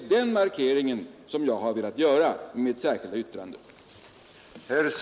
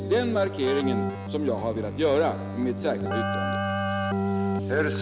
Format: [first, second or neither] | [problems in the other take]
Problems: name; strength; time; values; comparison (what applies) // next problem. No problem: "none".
first | background sound (Keyboard (musical)); 1 dB below the speech